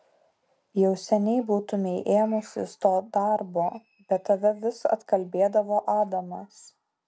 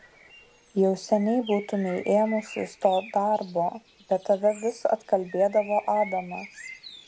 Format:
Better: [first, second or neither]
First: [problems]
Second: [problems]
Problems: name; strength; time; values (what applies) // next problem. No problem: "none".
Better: first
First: none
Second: background sound (Bird); 20 dB below the speech